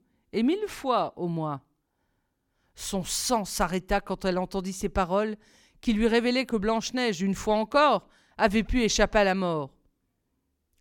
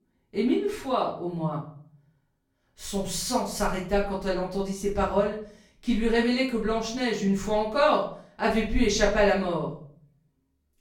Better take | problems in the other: first | off-mic speech; far // room echo; slight; dies away in 0.4 s

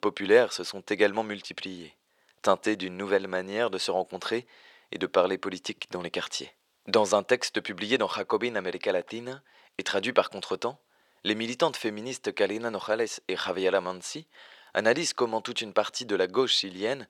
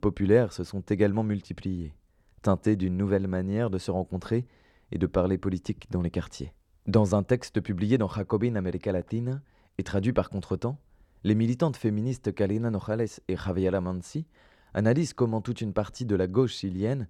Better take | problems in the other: second | thin; very; fading below 550 Hz

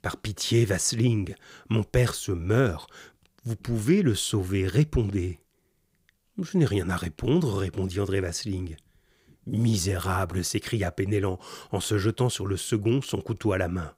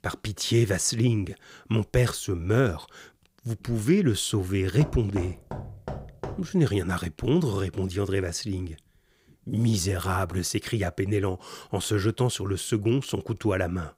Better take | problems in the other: first | door banging; faint; from 5 to 6.5 s; peak 10 dB below the speech

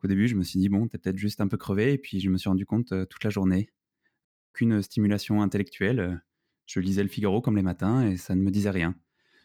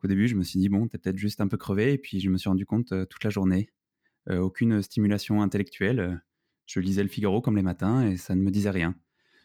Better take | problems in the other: second | audio cutting out; at 4.5 s

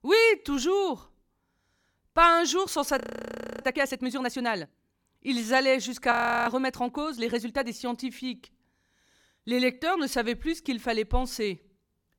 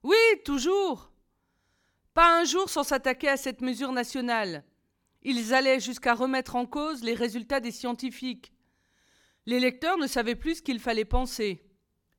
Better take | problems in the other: second | audio freezing; at 3 s for 0.5 s and at 6 s

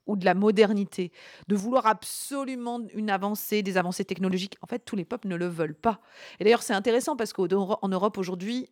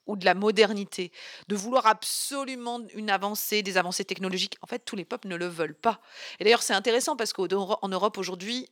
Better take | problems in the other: first | thin; very slightly; fading below 450 Hz

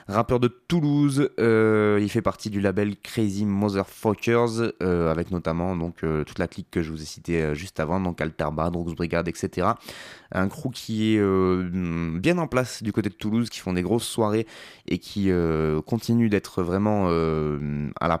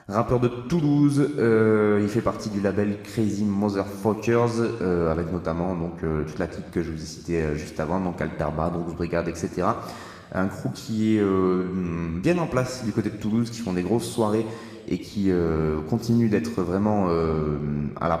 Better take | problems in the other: first | room echo; slight; dies away in 1.6 s

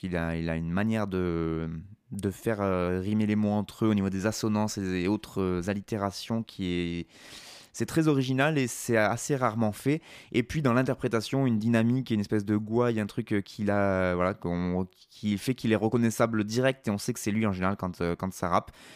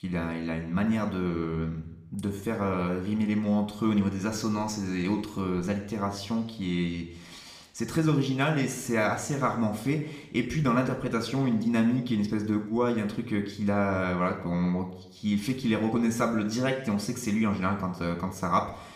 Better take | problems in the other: first | room echo; slight; dies away in 0.7 s

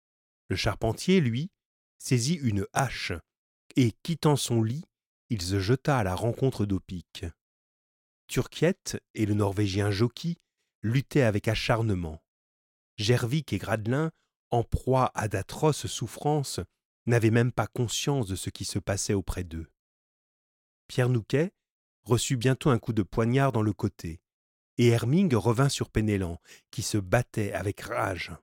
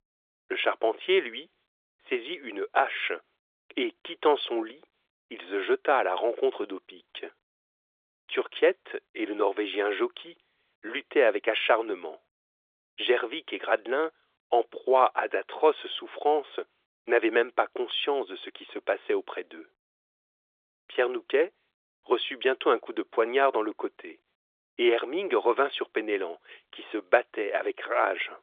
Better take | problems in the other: first | phone-call audio; nothing above 3.5 kHz

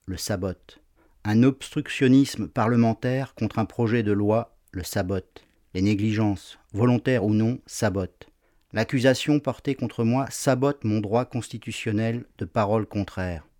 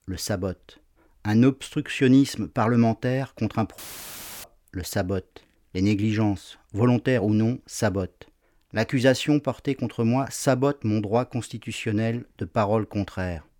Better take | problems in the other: first | audio cutting out; filled with static; at 4 s for 0.5 s

